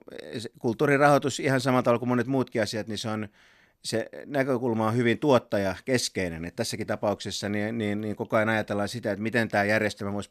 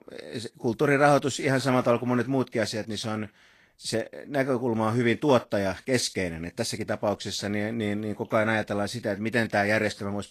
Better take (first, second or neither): first